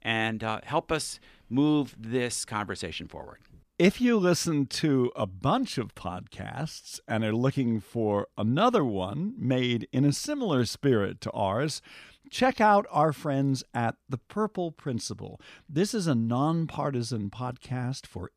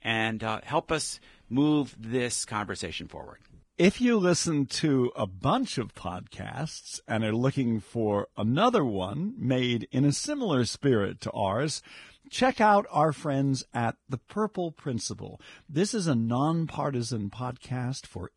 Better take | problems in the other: first | garbled, watery; badly; nothing above 10 kHz

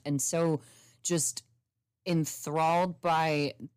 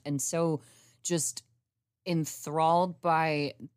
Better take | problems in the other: second | distortion; slight; 4% of the sound clipped

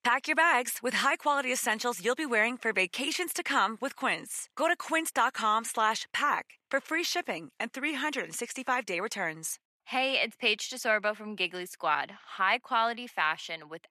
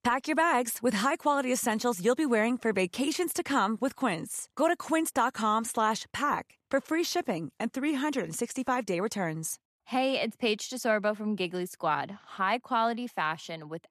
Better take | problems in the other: second | thin; somewhat; fading below 550 Hz

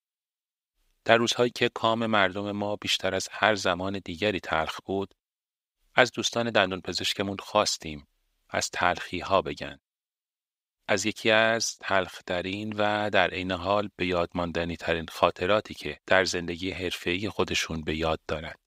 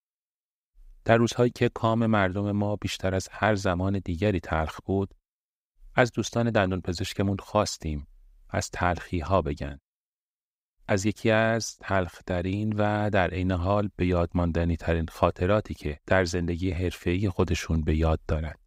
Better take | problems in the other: second | thin; somewhat; fading below 950 Hz

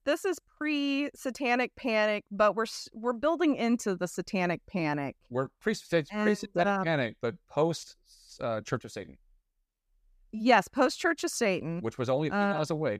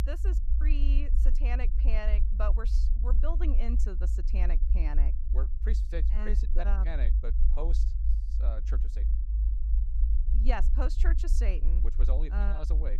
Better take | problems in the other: first | low rumble; loud; throughout; 9 dB below the speech

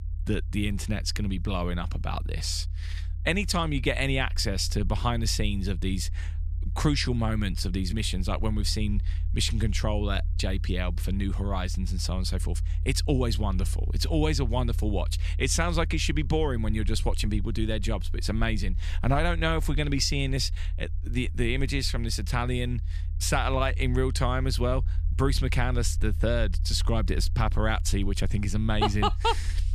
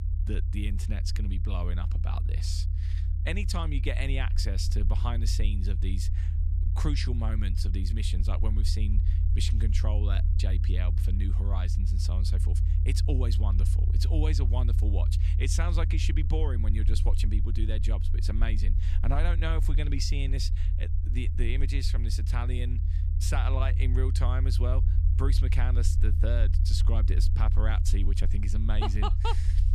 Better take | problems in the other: first | low rumble; loud; throughout; 7 dB below the speech; faint in the first

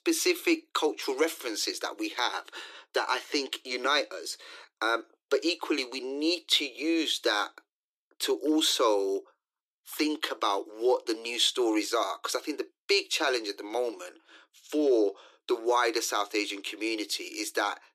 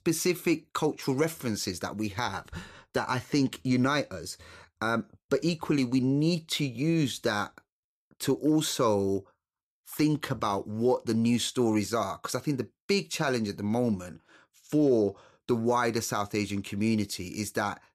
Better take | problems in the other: second | thin; very; fading below 300 Hz

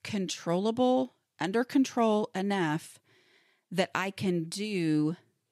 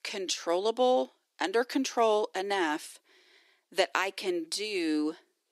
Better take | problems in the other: first | thin; somewhat; fading below 300 Hz

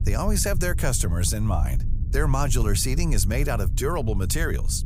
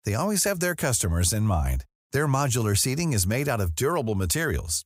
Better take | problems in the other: second | low rumble; noticeable; throughout; 15 dB below the speech

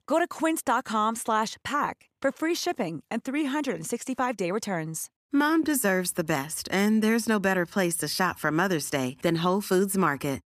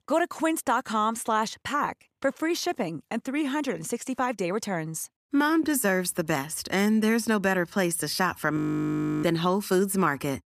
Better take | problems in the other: first | audio freezing; at 8.5 s for 0.5 s

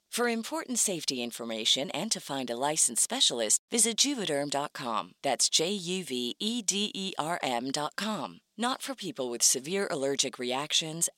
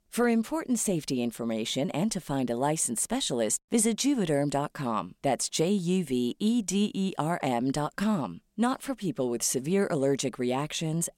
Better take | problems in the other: second | thin; very slightly; fading below 1 kHz

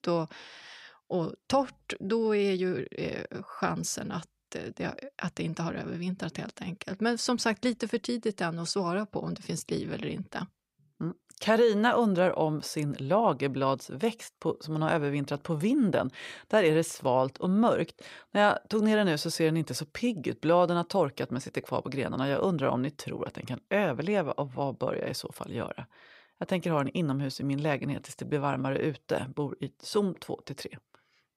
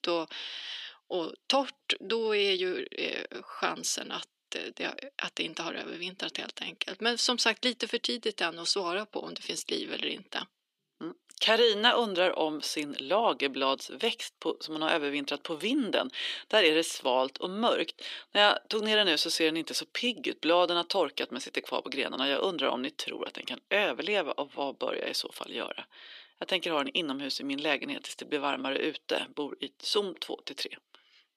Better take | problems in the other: first | thin; very slightly; fading below 300 Hz

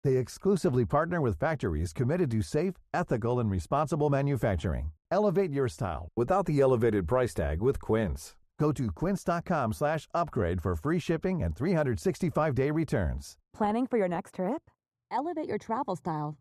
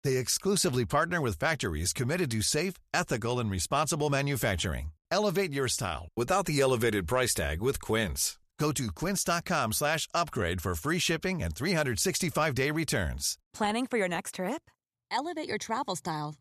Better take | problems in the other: second | muffled; very; fading above 1.5 kHz

